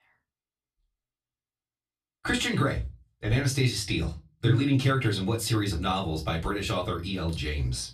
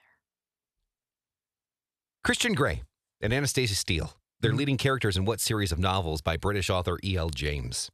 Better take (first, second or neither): second